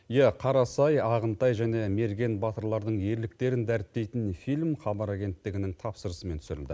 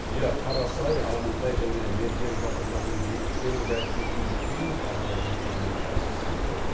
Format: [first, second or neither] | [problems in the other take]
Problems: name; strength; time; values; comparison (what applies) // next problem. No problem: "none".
first | background sound (Bird); 3 dB above the speech // room echo; dies away in 0.6 s